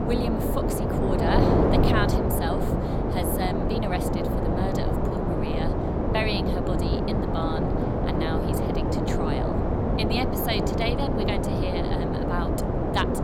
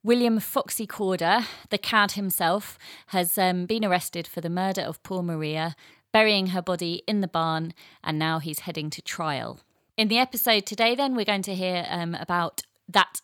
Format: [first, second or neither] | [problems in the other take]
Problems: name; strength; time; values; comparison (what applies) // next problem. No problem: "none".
second | wind noise on the microphone; heavy; 4 dB above the speech